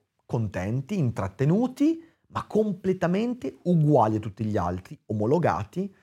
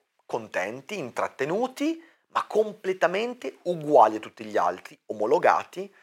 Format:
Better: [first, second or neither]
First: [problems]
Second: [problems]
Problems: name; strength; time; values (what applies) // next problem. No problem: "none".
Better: first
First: none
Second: thin; very; fading below 550 Hz